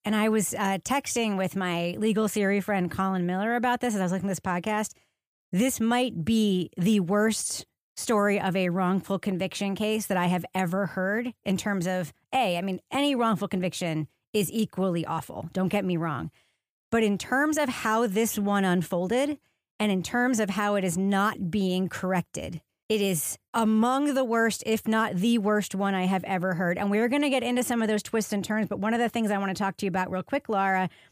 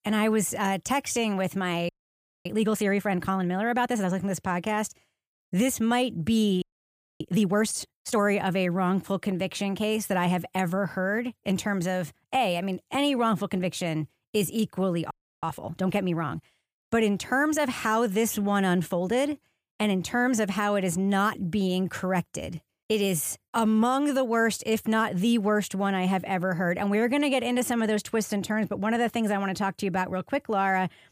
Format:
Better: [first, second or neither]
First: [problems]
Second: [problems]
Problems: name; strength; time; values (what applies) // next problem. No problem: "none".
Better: first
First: none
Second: audio freezing; at 2 s for 0.5 s, at 6.5 s for 0.5 s and at 15 s